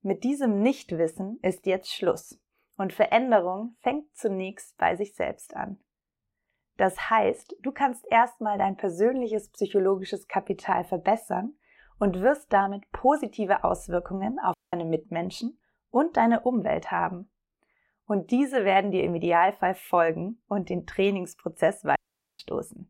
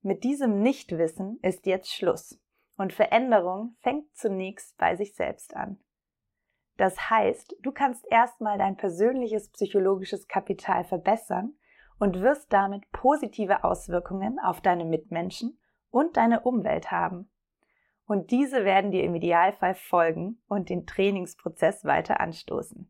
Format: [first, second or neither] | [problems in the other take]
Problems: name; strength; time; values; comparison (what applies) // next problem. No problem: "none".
second | audio cutting out; at 15 s and at 22 s